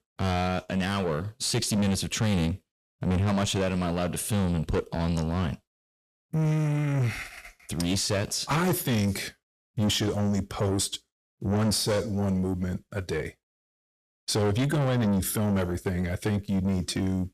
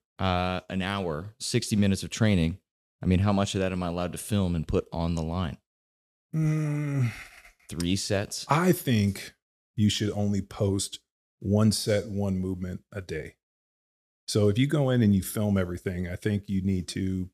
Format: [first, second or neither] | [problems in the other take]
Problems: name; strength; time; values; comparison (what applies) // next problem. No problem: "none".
second | distortion; heavy; 7 dB below the speech